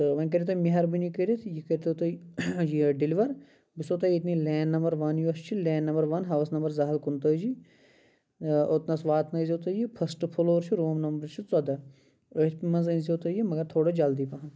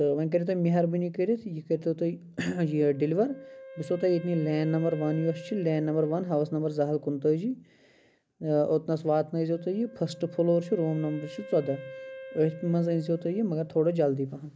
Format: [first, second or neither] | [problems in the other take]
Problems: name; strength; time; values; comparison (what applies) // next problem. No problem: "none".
first | background sound (Wind instrument, woodwind instrument); 19 dB below the speech